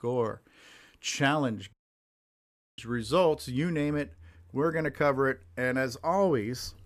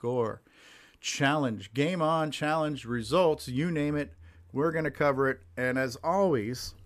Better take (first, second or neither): second